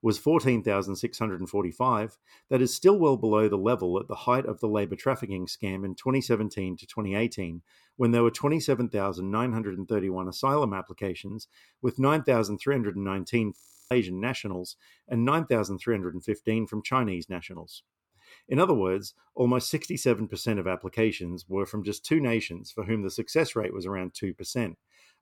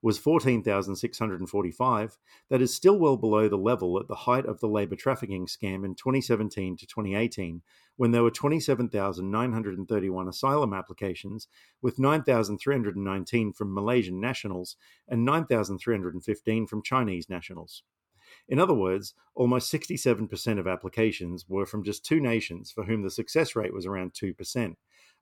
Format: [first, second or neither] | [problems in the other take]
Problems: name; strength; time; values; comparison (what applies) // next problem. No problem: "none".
second | audio freezing; at 14 s